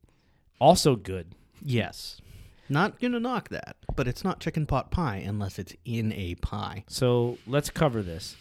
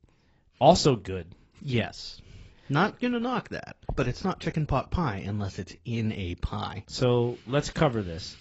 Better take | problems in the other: first | garbled, watery; badly; nothing above 7.5 kHz

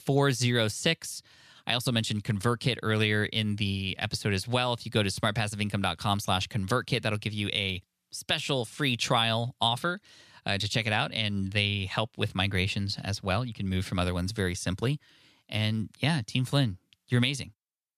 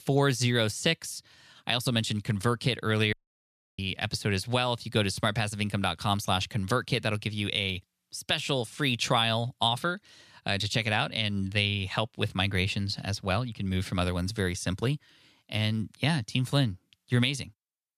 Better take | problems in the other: first | audio cutting out; at 3 s for 0.5 s

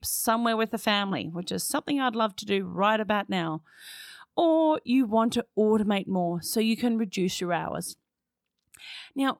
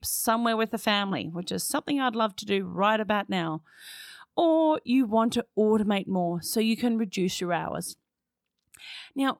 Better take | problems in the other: neither | none

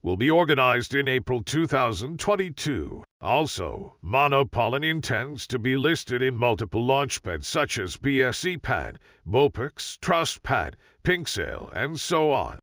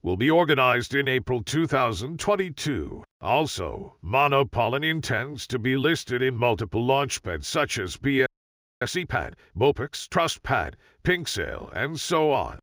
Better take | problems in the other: first | audio freezing; at 8.5 s for 0.5 s

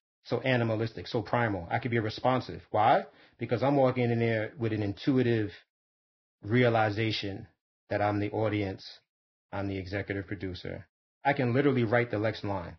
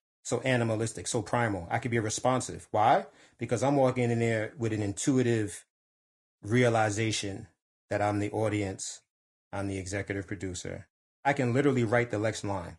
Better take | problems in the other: second | garbled, watery; badly; nothing above 5.5 kHz; slightly in the second

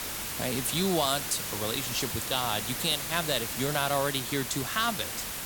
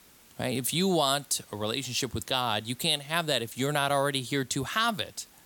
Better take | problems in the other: second | hiss; loud; throughout; 3 dB below the speech; faint in the second

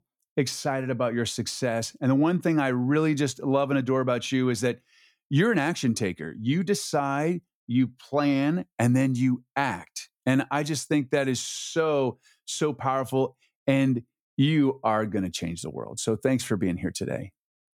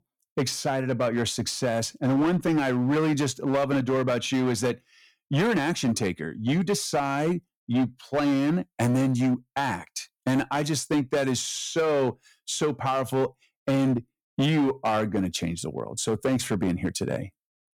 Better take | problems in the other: first | distortion; slight; 11% of the sound clipped

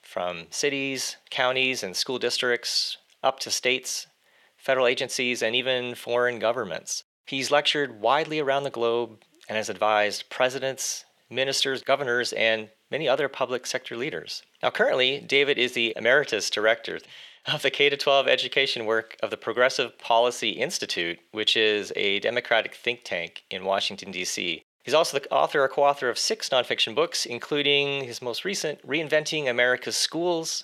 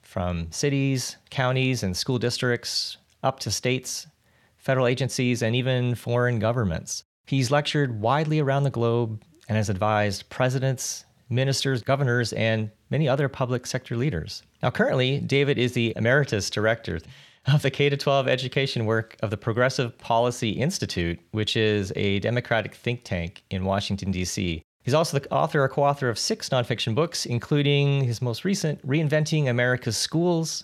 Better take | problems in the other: second | thin; very; fading below 450 Hz

